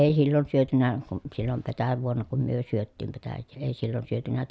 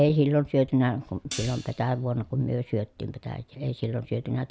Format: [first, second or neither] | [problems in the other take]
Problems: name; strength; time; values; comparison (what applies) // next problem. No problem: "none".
first | background sound (Hi-hat); 16 dB below the speech